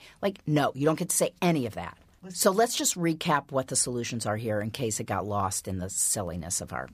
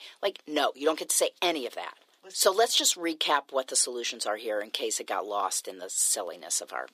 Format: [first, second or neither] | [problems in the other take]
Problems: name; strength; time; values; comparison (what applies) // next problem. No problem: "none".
first | thin; somewhat; fading below 350 Hz